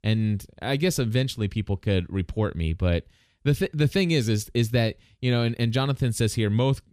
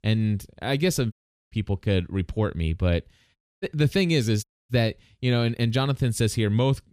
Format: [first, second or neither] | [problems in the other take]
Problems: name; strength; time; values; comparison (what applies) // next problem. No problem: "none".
first | audio cutting out; at 1 s, at 3.5 s and at 4.5 s